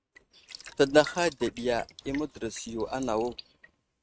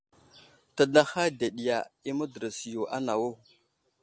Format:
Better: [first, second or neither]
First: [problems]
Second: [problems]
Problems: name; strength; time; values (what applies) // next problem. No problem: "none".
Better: second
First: noise reduction (neural mask model RNNoise)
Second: none